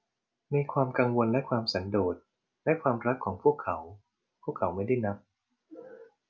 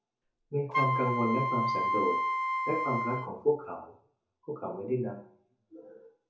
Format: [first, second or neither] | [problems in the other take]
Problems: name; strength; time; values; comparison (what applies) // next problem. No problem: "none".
first | background sound (Wind instrument, woodwind instrument); 3 dB above the speech // room echo; dies away in 0.6 s